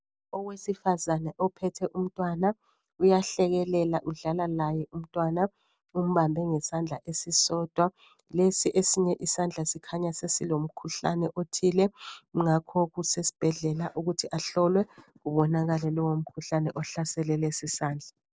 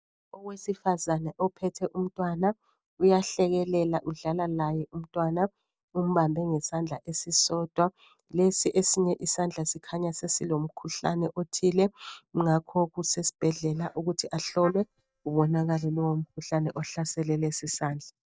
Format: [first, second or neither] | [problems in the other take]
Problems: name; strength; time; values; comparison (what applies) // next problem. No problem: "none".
first | noise reduction (neural mask model DeepFilterNet 3)